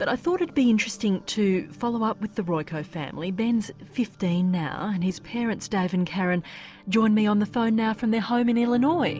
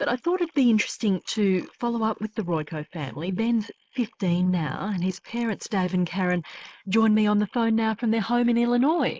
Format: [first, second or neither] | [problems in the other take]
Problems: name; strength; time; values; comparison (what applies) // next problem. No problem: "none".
first | noise reduction (neural mask model Resemble Enhance denoiser)